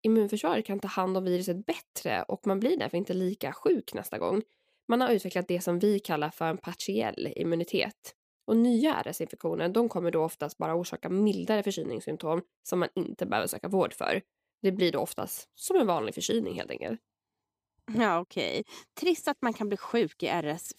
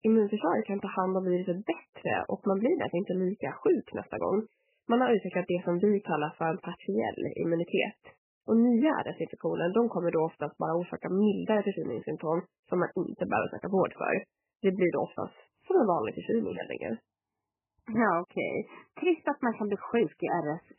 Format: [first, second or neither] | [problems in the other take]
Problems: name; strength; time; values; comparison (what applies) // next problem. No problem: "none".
first | garbled, watery; badly; nothing above 3 kHz